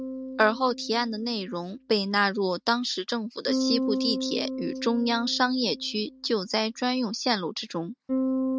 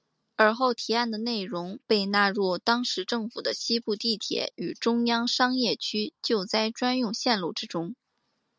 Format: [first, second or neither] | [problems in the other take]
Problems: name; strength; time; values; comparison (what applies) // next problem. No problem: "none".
second | noise reduction (neural mask model RNNoise)